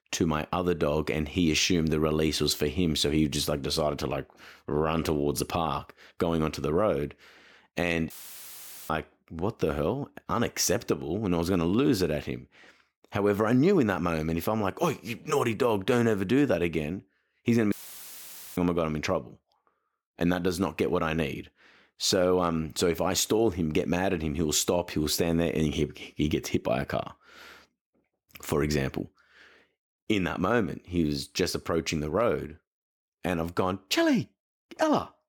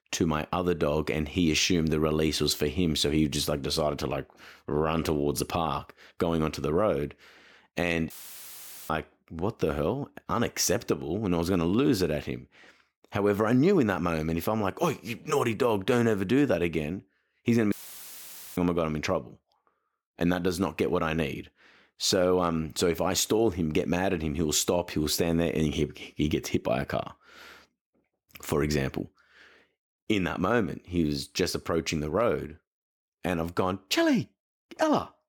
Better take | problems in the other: neither | audio cutting out; filled with static; at 8 s for 1 s and at 18 s for 1 s; the same in both

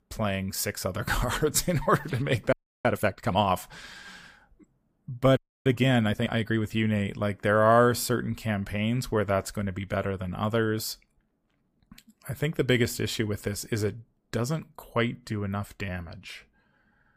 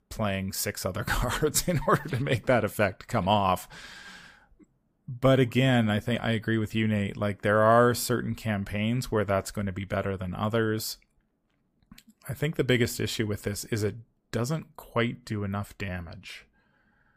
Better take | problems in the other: second | audio freezing; at 2.5 s and at 5.5 s

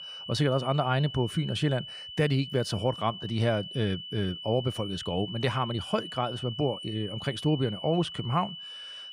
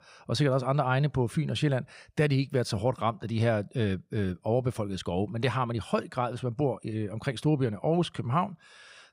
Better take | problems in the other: second | high-pitched whine; loud; throughout; 3 kHz, 9 dB below the speech

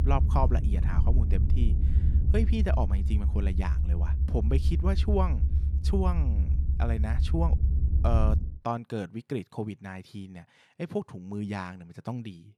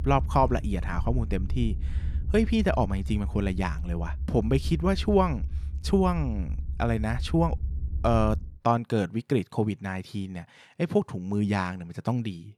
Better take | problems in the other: second | low rumble; loud; until 8.5 s; 8 dB below the speech; faint in the second

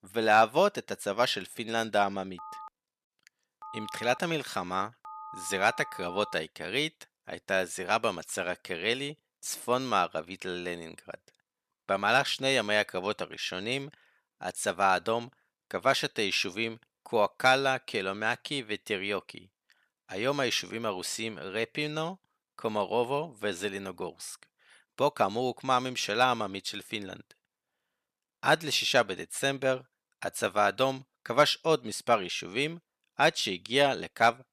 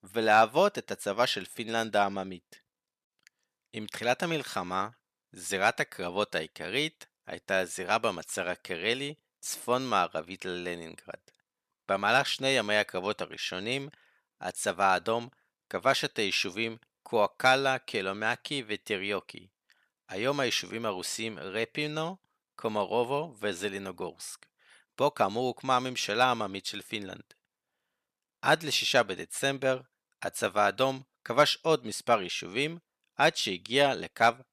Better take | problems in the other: second | phone ringing; faint; from 2.5 to 6.5 s; peak 15 dB below the speech

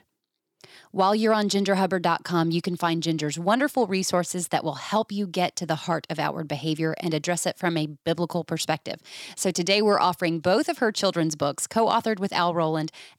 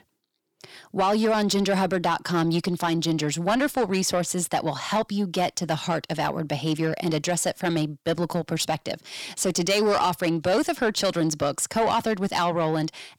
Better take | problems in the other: first | distortion; slight; 10 dB below the speech

